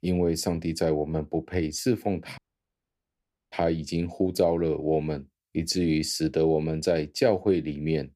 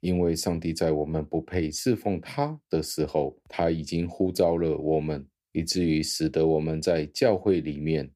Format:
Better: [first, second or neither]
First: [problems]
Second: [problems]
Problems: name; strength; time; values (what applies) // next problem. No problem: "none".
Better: second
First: audio cutting out; at 2.5 s for 1 s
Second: none